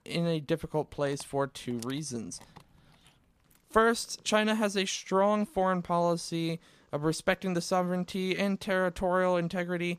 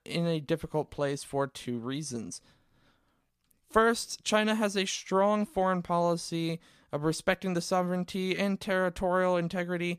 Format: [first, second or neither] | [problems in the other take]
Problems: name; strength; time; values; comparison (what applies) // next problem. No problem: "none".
second | animal sounds; faint; throughout; 30 dB below the speech